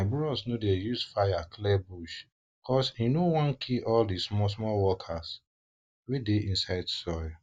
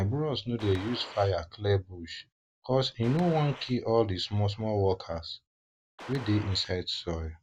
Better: first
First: none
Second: background sound (Gunshot, gunfire); 15 dB below the speech

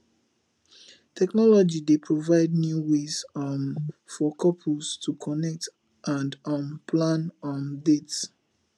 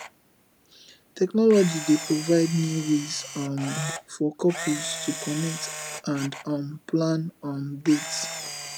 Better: first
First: none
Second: background sound (Camera); 11 dB below the speech

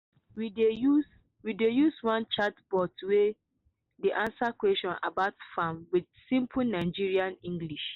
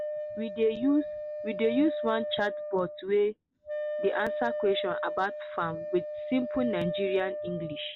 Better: first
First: none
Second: background sound (Wind instrument, woodwind instrument); 5 dB below the speech

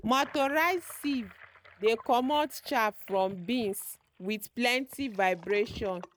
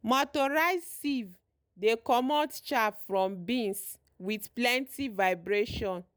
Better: second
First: noise reduction (neural mask model RNNoise)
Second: none

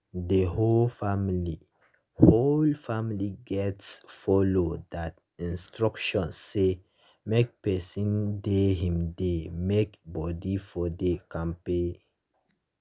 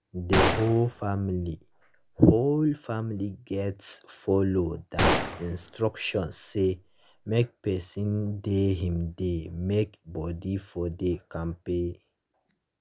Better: first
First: none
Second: background sound (Gunshot, gunfire); 3 dB below the speech

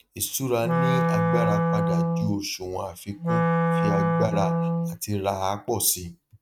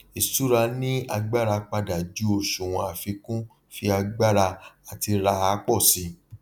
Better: second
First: noise reduction (neural mask model RNNoise)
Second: none

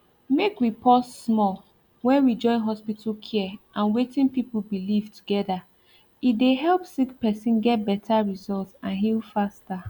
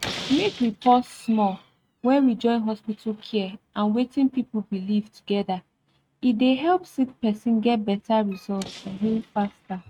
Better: first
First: none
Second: noise reduction (neural mask model RNNoise)

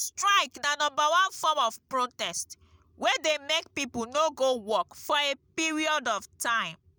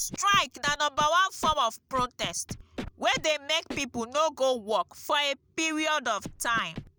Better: first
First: none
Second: background sound (Scratching (performance technique)); 15 dB below the speech

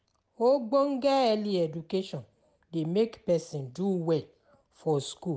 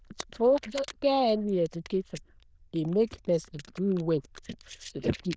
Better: first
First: none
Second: noise reduction (neural diffusion model UNIVERSE++)

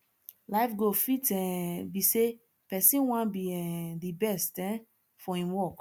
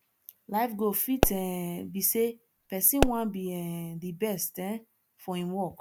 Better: first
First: none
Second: background sound (Explosion); 1 dB below the speech

